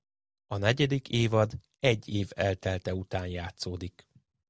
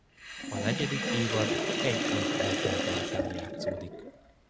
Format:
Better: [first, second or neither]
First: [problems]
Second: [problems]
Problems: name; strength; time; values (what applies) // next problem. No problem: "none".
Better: first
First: none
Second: background sound (Sink (filling or washing)); 4 dB above the speech